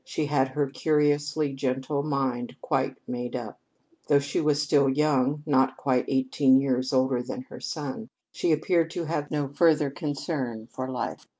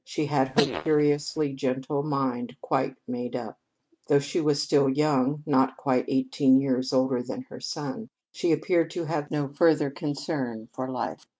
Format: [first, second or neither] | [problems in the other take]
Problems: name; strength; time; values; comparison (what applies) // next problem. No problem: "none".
first | noise reduction (neural mask model RNNoise)